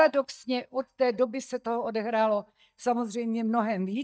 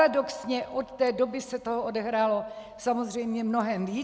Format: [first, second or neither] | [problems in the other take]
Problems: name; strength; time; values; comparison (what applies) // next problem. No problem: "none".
second | noise reduction (neural mask model DeepFilterNet 3)